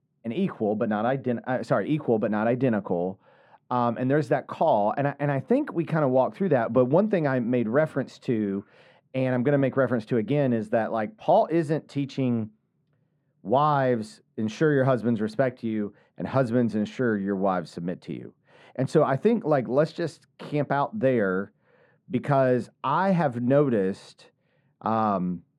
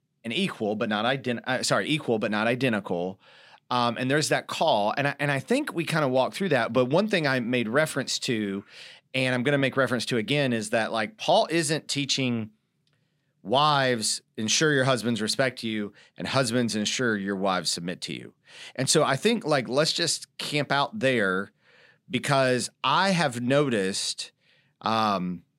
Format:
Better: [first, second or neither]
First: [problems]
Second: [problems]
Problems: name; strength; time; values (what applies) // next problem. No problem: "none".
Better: second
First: muffled; very; fading above 2 kHz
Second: none